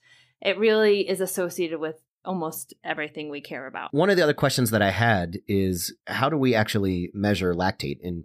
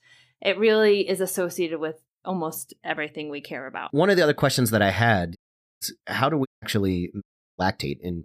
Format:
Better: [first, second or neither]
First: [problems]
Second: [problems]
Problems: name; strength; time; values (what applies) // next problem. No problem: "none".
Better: first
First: none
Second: audio cutting out; at 5.5 s, at 6.5 s and at 7 s